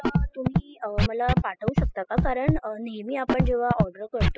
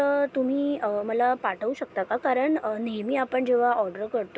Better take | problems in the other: second | noise reduction (classical method spectral subtraction)

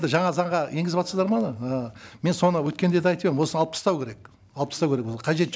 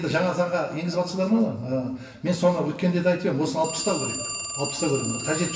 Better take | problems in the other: first | background sound (Telephone); 10 dB below the speech // room echo; dies away in 1 s

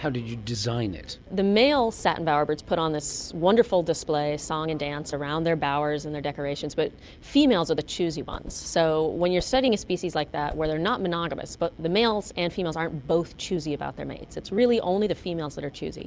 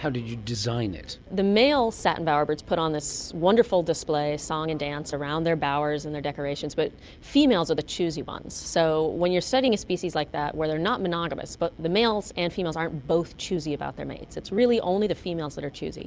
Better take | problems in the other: second | background sound (Whoosh, swoosh, swish); 15 dB below the speech

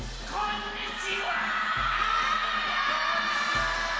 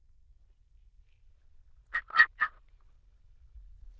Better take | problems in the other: first | noise reduction (neural diffusion model UNIVERSE++)

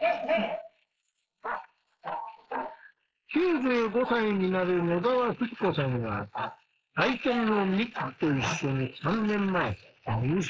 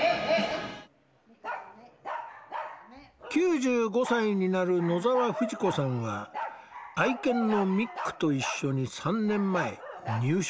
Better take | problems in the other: second | noise reduction (neural mask model Resemble Enhance denoiser)

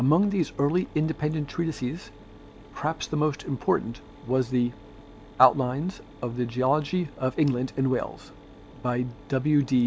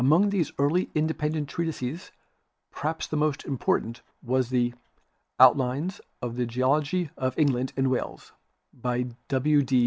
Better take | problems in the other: second | background sound (Mechanisms); 20 dB below the speech

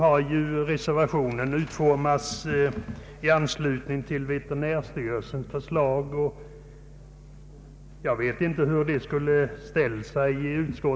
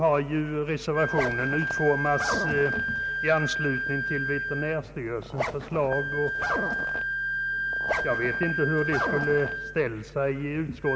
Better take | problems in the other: first | background sound (Wind instrument, woodwind instrument + Zipper (clothing)); 2 dB below the speech

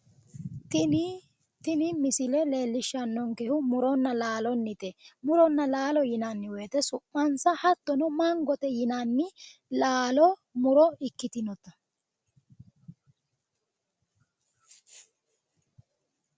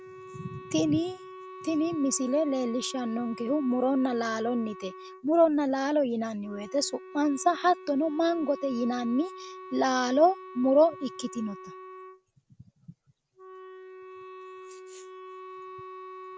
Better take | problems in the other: first | background sound (Wind instrument, woodwind instrument); 16 dB below the speech

